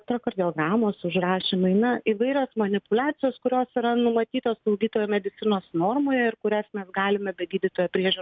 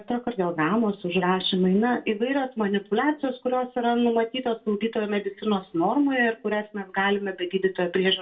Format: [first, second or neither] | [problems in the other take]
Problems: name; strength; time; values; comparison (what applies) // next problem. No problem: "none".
first | room echo; dies away in 0.2 s